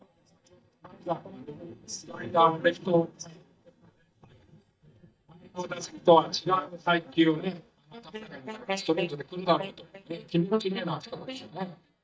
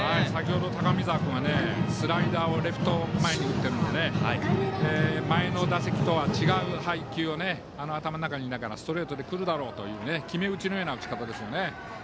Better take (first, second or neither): second